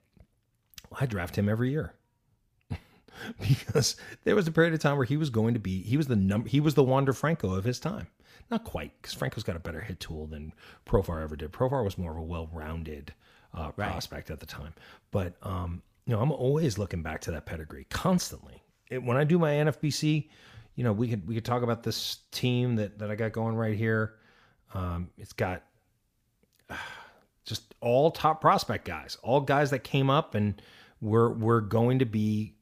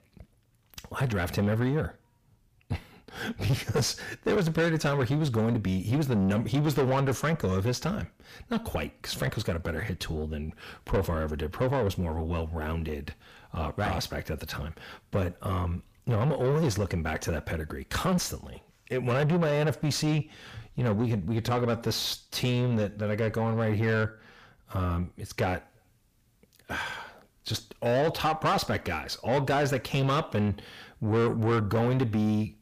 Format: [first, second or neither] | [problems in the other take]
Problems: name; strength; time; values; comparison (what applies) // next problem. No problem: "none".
first | distortion; heavy; 6 dB below the speech